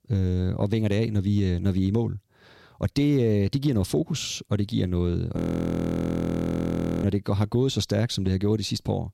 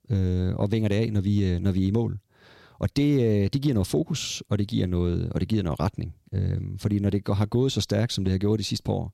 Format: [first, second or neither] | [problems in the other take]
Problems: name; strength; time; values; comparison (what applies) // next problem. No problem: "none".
second | audio freezing; at 5.5 s for 1.5 s